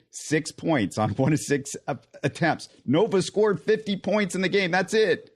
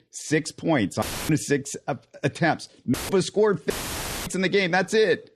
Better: first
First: none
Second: audio cutting out; filled with static; at 1 s, at 3 s and at 3.5 s for 0.5 s

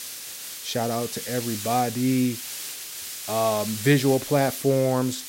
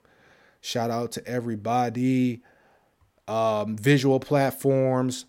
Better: second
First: hiss; loud; throughout; 8 dB below the speech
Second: none

